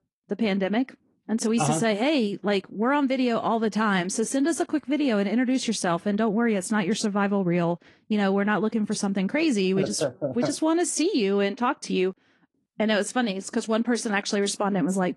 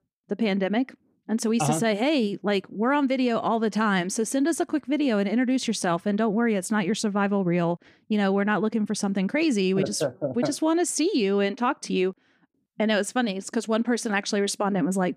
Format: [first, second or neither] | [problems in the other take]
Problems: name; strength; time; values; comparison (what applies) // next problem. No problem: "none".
second | garbled, watery; slightly